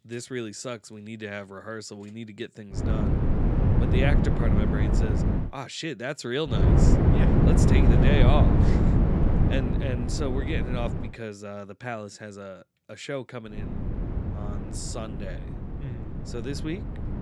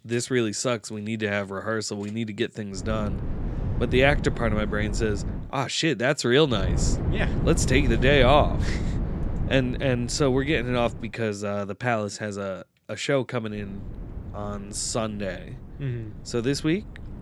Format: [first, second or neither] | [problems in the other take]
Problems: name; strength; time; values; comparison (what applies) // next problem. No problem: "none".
second | wind noise on the microphone; heavy; from 3 to 5.5 s, from 6.5 to 11 s and from 14 s on; 2 dB above the speech; occasional gusts in the second